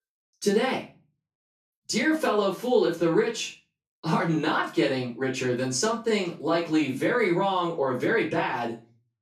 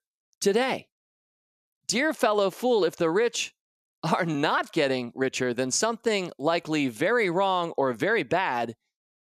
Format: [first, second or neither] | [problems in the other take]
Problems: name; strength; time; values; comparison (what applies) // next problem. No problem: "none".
second | off-mic speech; far // room echo; slight; dies away in 0.3 s